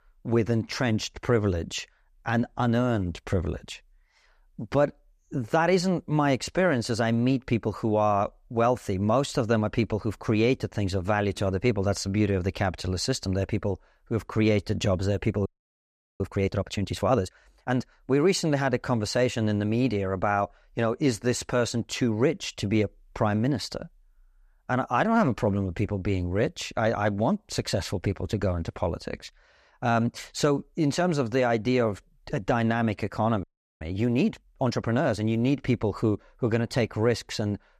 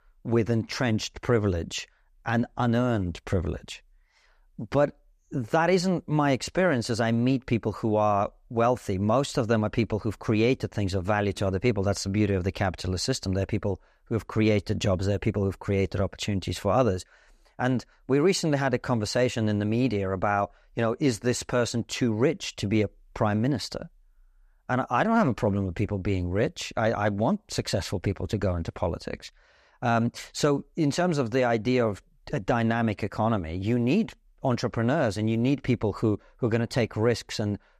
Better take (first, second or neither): second